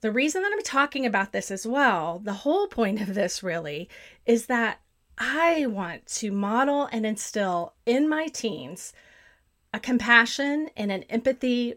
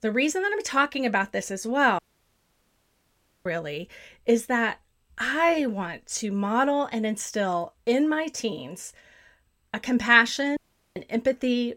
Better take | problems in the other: first | audio cutting out; at 2 s for 1.5 s and at 11 s

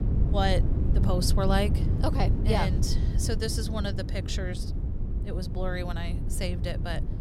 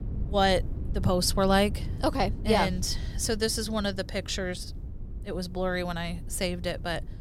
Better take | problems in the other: second | low rumble; loud; throughout; 9 dB below the speech; faint in the second

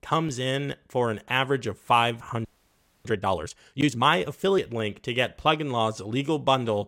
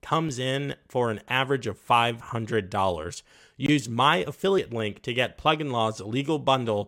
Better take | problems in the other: second | audio freezing; at 2.5 s for 0.5 s

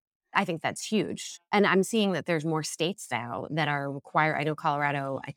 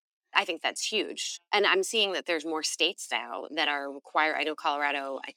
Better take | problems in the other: first | thin; somewhat; fading below 300 Hz

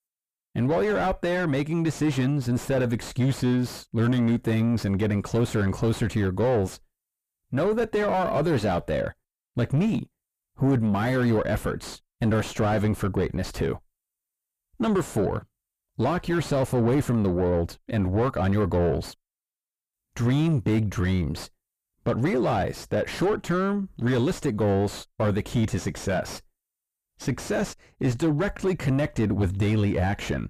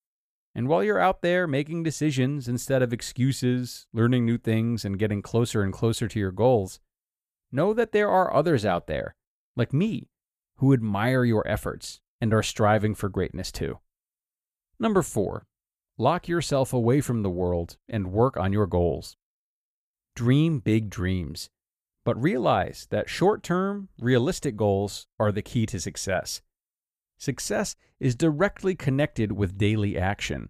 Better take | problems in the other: second | distortion; heavy; 5 dB below the speech

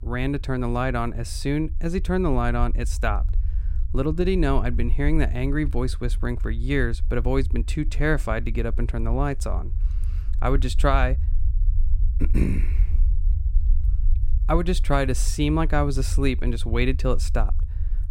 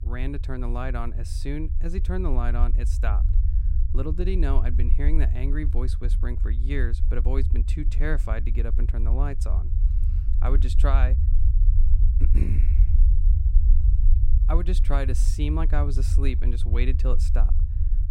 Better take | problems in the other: first | low rumble; loud; throughout; 9 dB below the speech; faint in the first

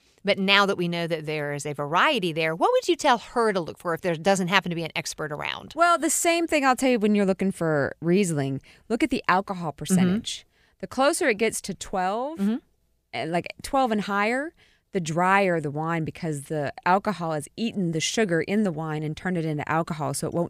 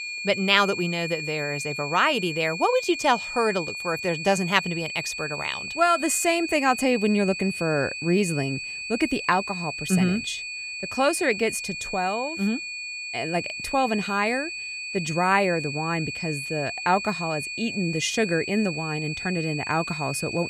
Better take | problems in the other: first | high-pitched whine; loud; throughout; 2.5 kHz, 6 dB below the speech

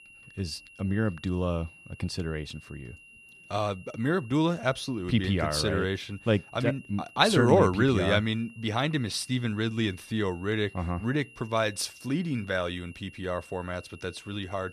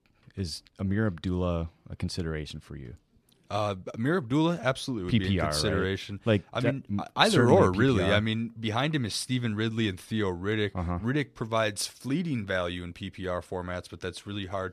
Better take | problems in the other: second | high-pitched whine; faint; throughout; 3 kHz, 20 dB below the speech

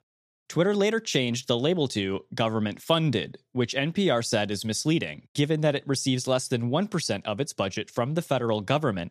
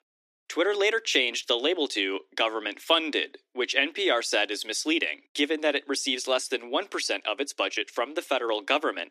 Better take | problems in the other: first | thin; somewhat; fading below 300 Hz

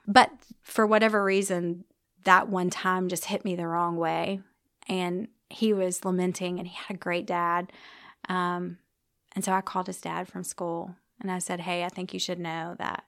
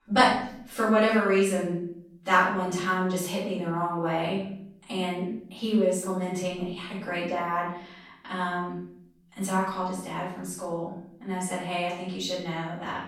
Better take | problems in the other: first | off-mic speech; far // room echo; noticeable; dies away in 0.6 s

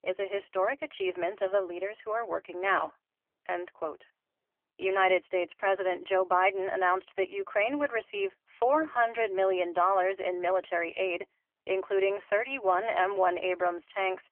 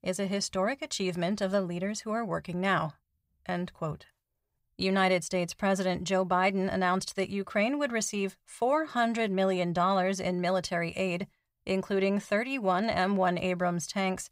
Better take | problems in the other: second | phone-call audio; poor line; nothing above 3 kHz

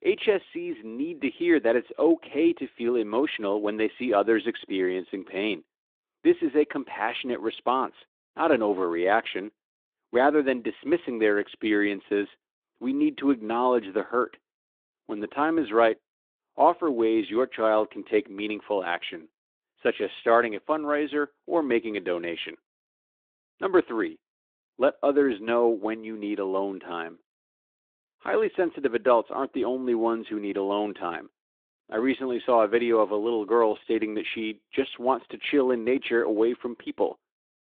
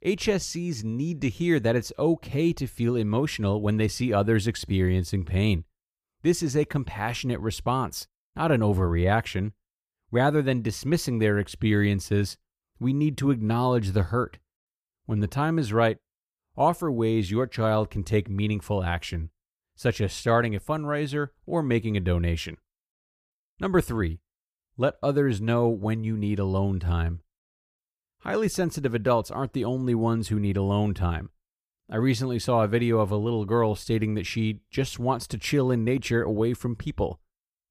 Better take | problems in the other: second | phone-call audio

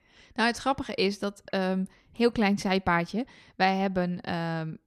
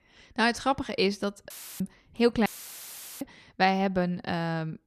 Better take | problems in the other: first | audio cutting out; filled with static; at 1.5 s and at 2.5 s for 1 s

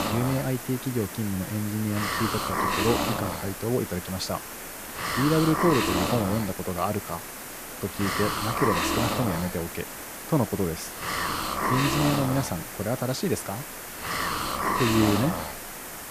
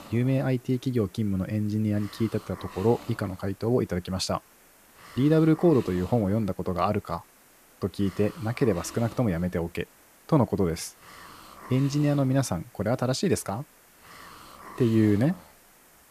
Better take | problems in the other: second | hiss; loud; throughout; 1 dB below the speech; faint in the second

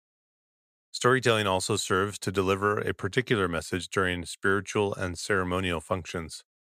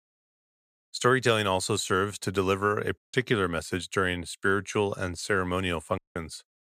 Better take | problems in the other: first | audio cutting out; at 3 s and at 6 s

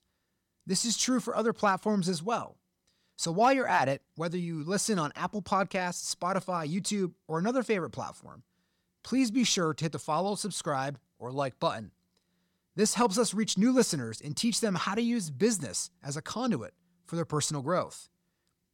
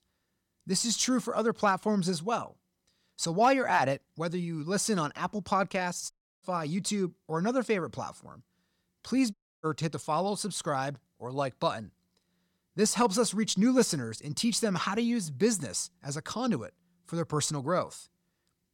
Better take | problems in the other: first | audio cutting out; at 6 s and at 9.5 s

